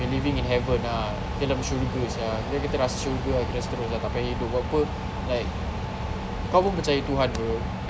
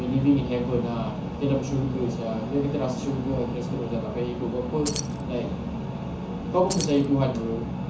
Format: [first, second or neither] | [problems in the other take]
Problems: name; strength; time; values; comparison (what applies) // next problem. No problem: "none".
first | background sound (Keys jangling); 13 dB below the speech // room echo; dies away in 0.9 s